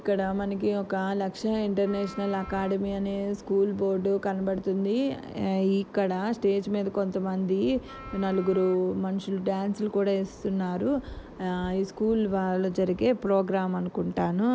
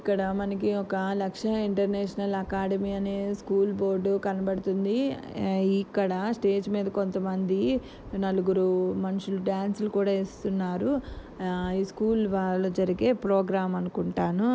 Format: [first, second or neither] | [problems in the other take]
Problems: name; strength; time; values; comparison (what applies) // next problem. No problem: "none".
second | background sound (Wind instrument, woodwind instrument); 18 dB below the speech